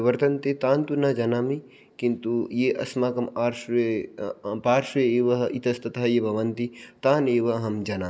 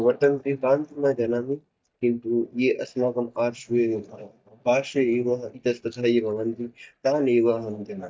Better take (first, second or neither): first